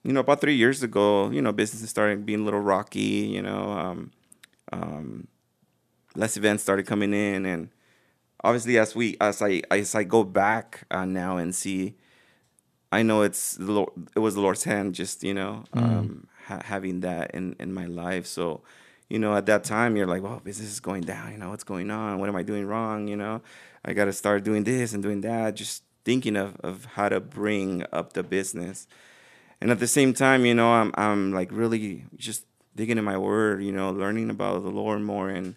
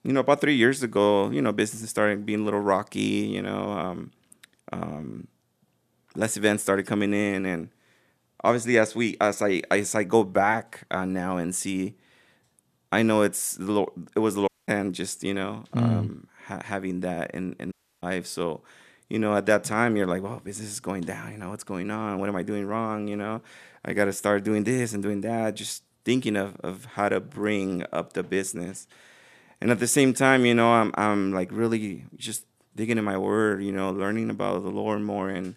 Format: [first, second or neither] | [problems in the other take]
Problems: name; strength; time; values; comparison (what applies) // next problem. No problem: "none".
first | audio cutting out; at 14 s and at 18 s